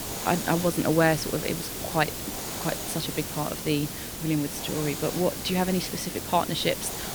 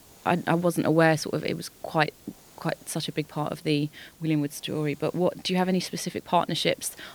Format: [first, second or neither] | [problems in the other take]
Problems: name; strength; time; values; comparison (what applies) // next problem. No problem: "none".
second | hiss; loud; throughout; 5 dB below the speech; faint in the second